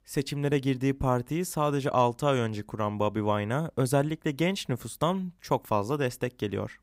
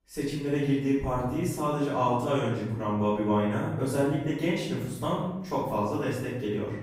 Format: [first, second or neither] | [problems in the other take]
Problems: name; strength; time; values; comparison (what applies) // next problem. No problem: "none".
first | room echo; noticeable; dies away in 0.9 s // off-mic speech; far